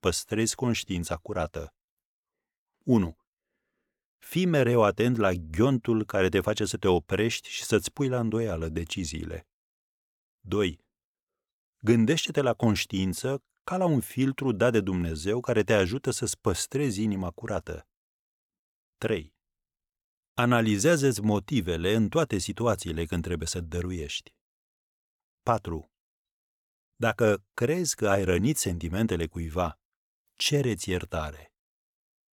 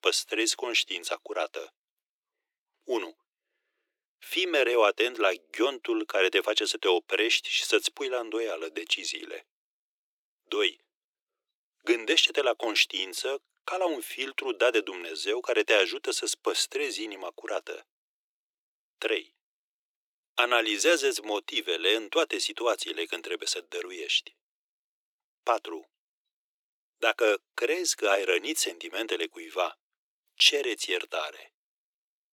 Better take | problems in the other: first | thin; very; fading below 300 Hz

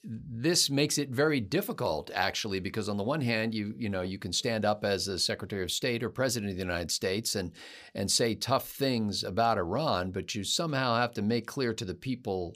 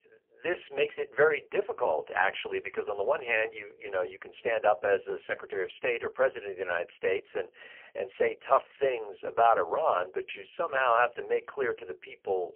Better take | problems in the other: first | phone-call audio; poor line; nothing above 3 kHz

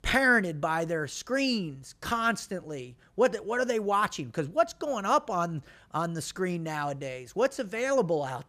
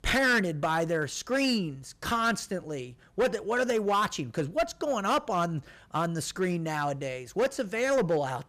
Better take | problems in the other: first | distortion; slight; 7% of the sound clipped

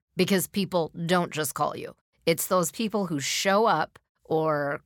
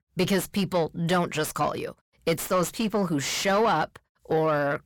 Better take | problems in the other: first | distortion; slight; 10 dB below the speech

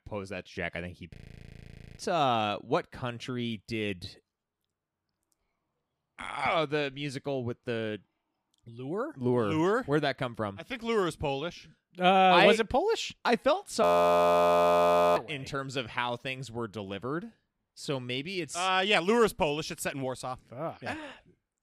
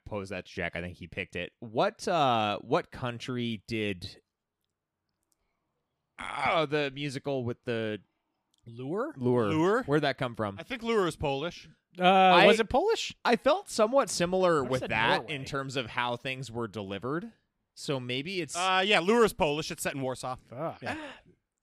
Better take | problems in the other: second | audio freezing; at 1 s for 1 s and at 14 s for 1.5 s

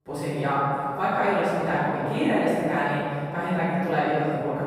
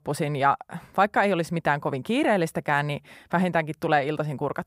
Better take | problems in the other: second | off-mic speech; far // room echo; strong; dies away in 2.3 s

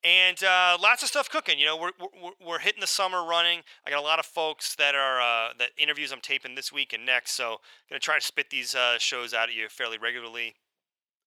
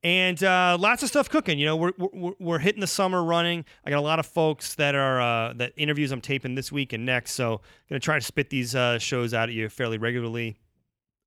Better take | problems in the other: second | thin; very; fading below 800 Hz

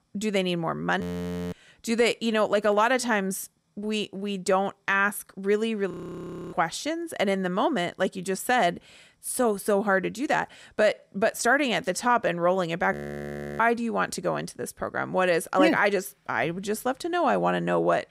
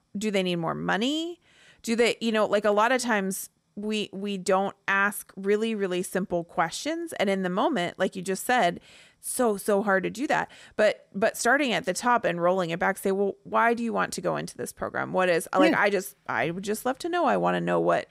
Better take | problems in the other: second | audio freezing; at 1 s for 0.5 s, at 6 s for 0.5 s and at 13 s for 0.5 s

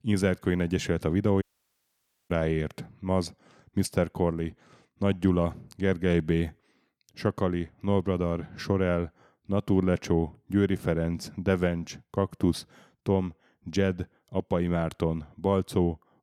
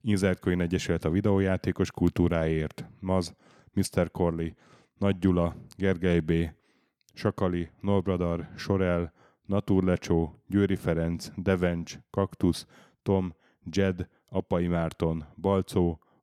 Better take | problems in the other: second | audio cutting out; at 1.5 s for 1 s

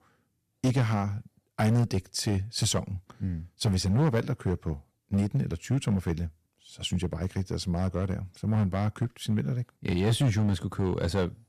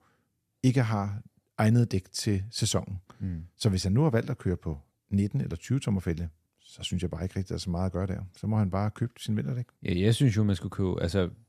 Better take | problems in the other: second | distortion; slight; 5% of the sound clipped

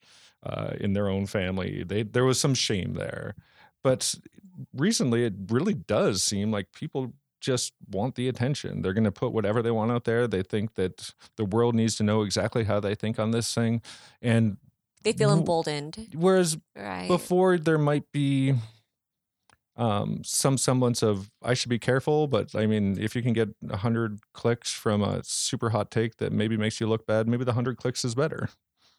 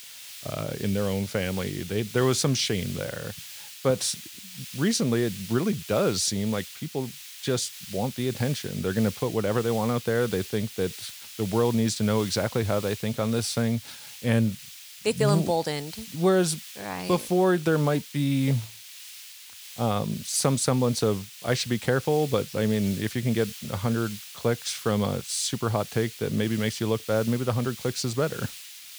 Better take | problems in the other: first | hiss; noticeable; throughout; 15 dB below the speech

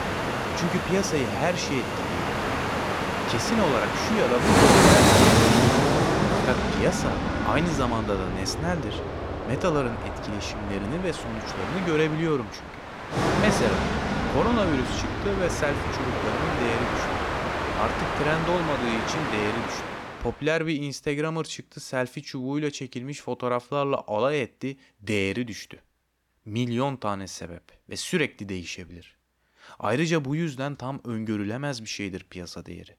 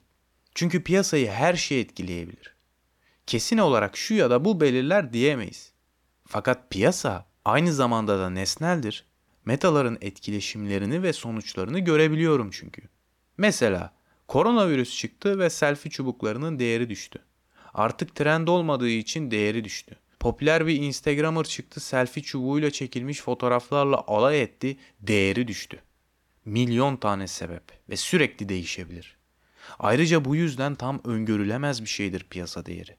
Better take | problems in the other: second | train or aircraft noise; very loud; until 20 s; 3 dB above the speech

